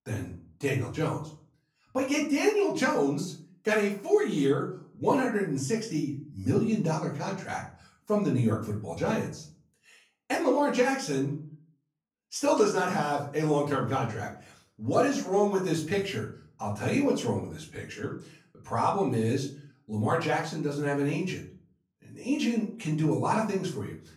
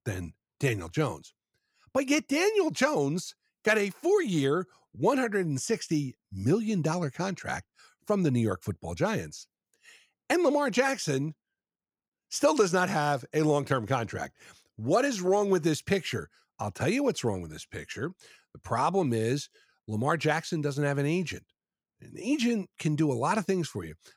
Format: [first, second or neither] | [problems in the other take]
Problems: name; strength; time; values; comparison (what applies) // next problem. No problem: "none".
second | off-mic speech; far // room echo; slight; dies away in 0.4 s